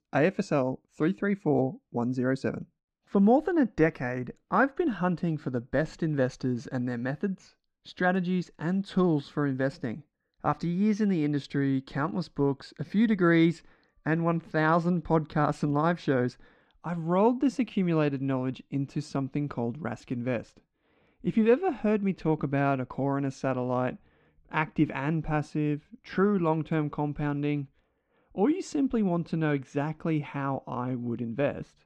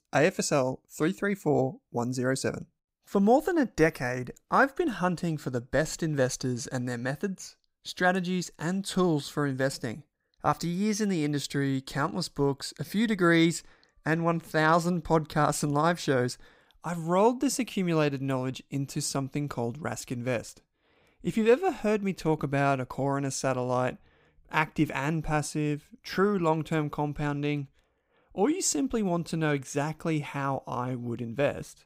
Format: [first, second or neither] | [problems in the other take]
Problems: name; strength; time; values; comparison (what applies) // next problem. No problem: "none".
second | muffled; slightly; fading above 3 kHz